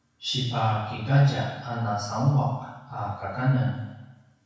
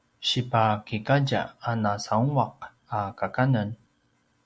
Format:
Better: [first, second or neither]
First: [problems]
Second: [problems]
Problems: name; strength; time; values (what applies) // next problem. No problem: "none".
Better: second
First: room echo; dies away in 1.1 s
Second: none